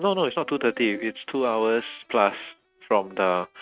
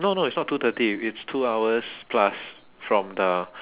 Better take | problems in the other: second | noise reduction (neural mask model RNNoise)

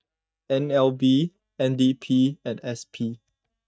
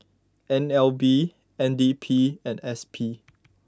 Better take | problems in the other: second | noise reduction (neural mask model DeepFilterNet 3)

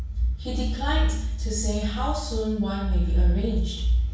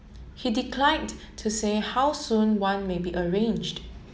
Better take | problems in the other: second | room echo; dies away in 0.6 s

